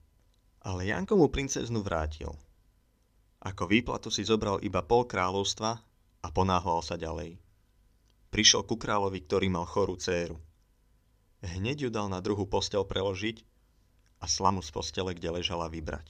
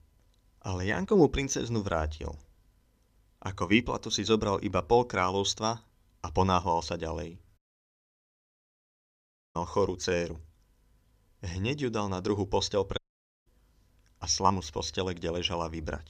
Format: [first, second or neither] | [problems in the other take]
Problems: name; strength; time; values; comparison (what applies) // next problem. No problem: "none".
first | audio cutting out; at 7.5 s for 2 s and at 13 s